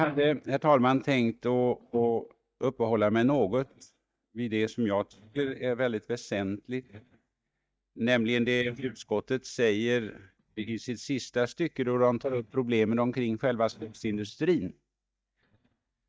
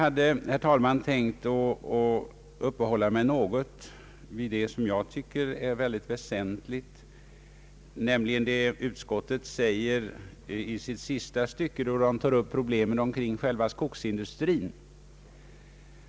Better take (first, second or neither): second